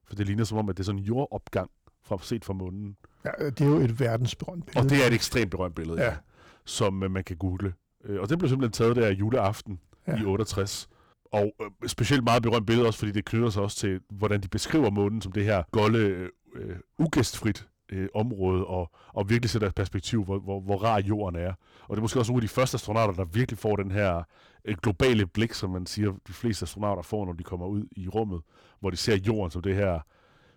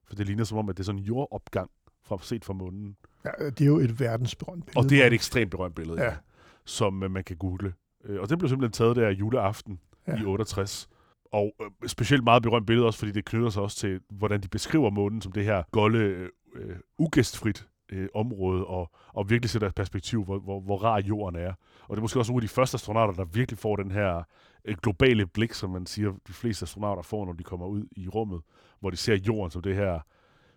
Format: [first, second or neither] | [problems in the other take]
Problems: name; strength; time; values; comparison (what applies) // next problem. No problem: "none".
second | distortion; slight; 4% of the sound clipped